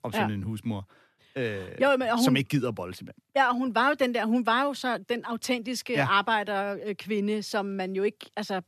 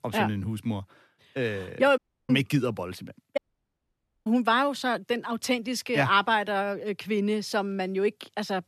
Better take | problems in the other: first | audio cutting out; at 2 s and at 3.5 s for 1 s

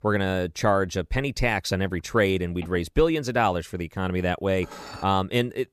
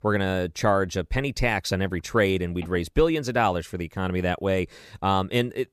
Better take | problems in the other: second | clattering dishes; faint; at 4.5 s; peak 15 dB below the speech

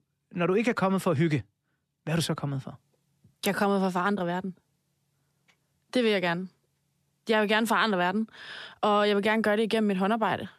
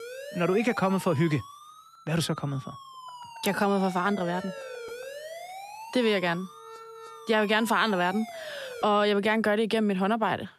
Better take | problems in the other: first | siren; faint; until 9 s; peak 10 dB below the speech

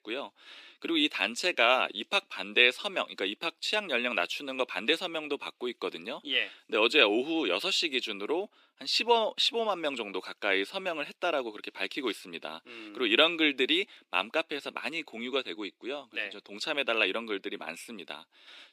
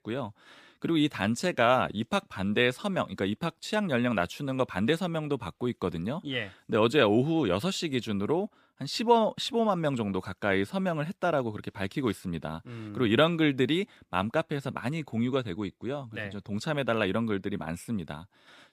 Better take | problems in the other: second | thin; somewhat; fading below 300 Hz

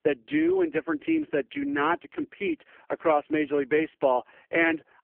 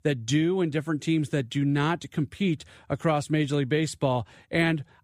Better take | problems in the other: second | phone-call audio; poor line

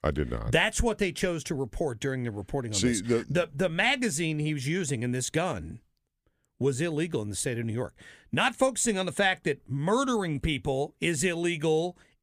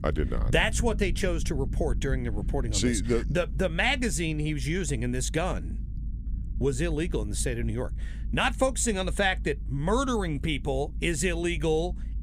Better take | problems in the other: first | low rumble; faint; throughout; 20 dB below the speech

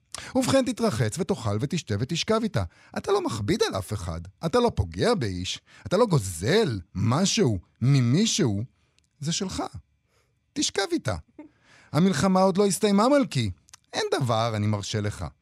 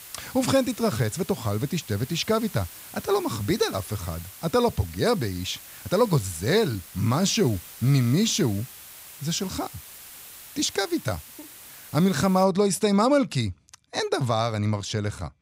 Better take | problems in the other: first | hiss; noticeable; until 12 s; 15 dB below the speech

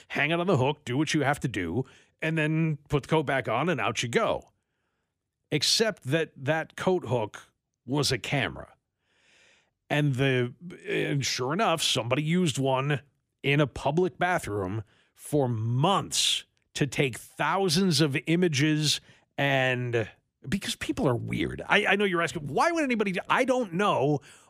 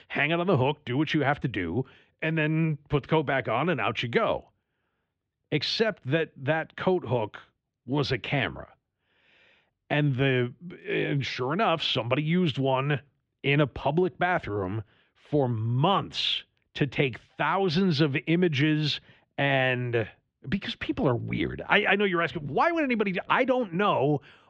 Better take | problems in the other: first | muffled; slightly; fading above 4 kHz

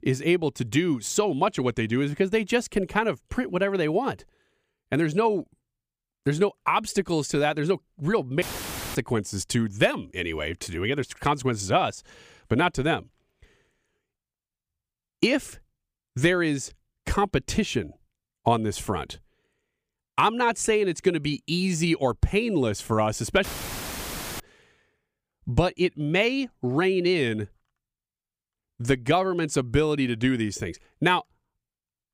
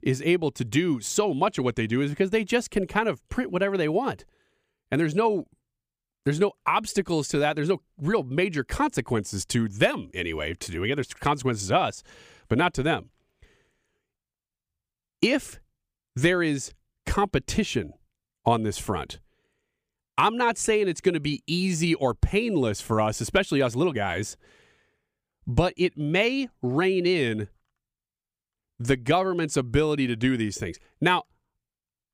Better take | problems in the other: second | audio cutting out; filled with static; at 8.5 s for 0.5 s and at 23 s for 1 s

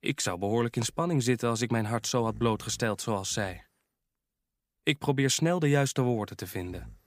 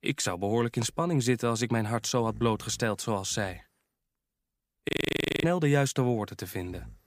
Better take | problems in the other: first | audio freezing; at 5 s for 0.5 s

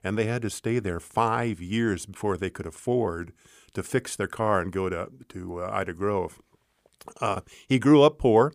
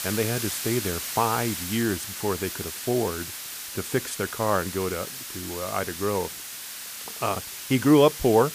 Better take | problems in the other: first | hiss; loud; throughout; 6 dB below the speech

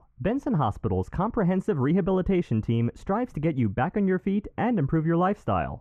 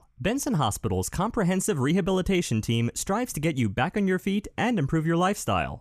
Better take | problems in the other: second | muffled; very; fading above 3.5 kHz

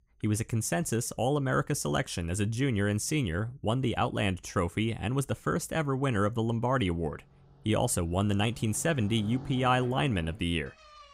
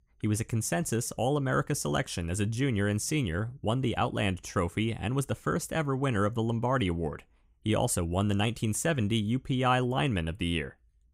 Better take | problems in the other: second | traffic noise; noticeable; from 4.5 s on; 20 dB below the speech

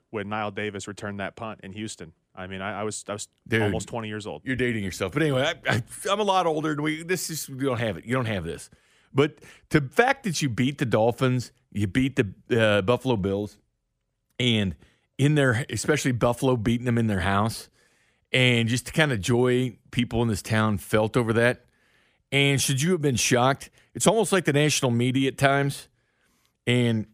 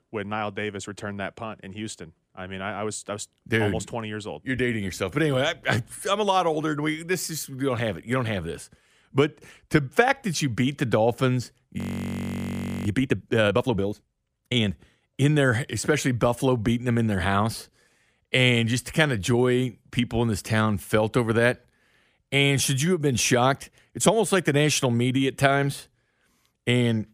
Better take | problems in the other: first | audio freezing; at 12 s for 1 s

